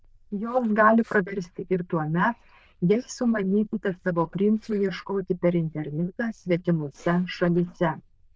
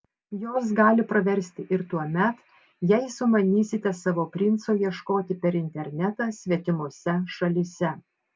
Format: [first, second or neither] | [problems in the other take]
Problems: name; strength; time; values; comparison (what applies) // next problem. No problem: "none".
second | noise reduction (neural diffusion model UNIVERSE++)